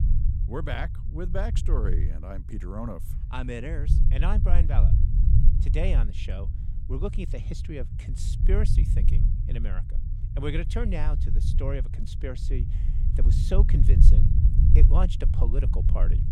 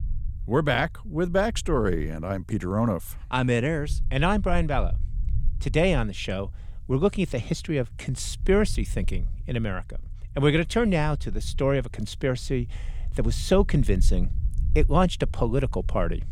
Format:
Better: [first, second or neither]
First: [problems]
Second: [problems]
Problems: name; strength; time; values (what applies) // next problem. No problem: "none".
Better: second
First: low rumble; loud; throughout; 5 dB below the speech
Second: low rumble; faint; throughout; 25 dB below the speech